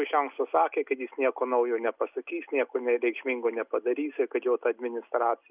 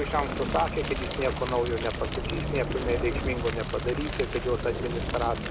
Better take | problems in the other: first | background sound (Fire); 1 dB below the speech

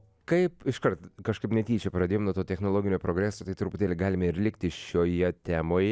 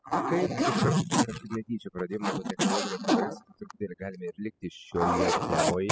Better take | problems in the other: first | noise reduction (classical method spectral subtraction)

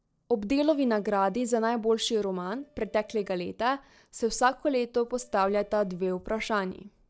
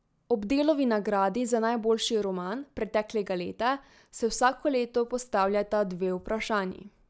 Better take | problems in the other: second | noise reduction (neural separator model SepFormer DNS4)

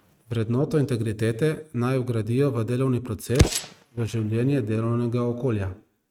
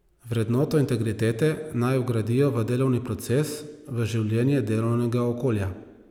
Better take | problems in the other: second | noise reduction (neural mask model RNNoise)

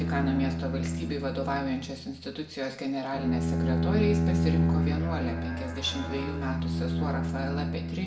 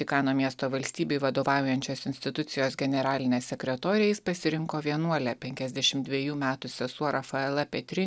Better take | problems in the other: second | background sound (Bowed string instrument); 4 dB above the speech // room echo; dies away in 0.7 s

